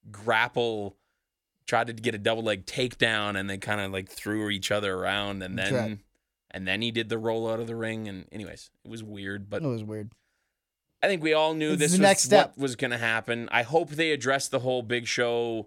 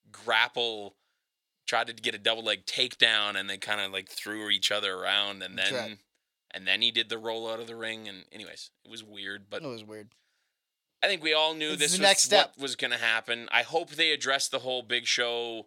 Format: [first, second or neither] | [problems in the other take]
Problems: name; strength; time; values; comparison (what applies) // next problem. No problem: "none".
first | thin; somewhat; fading below 750 Hz